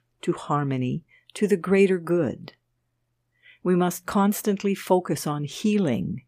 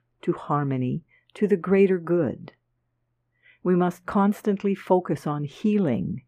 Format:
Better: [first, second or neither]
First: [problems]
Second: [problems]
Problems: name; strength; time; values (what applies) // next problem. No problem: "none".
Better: first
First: none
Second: muffled; slightly; fading above 3 kHz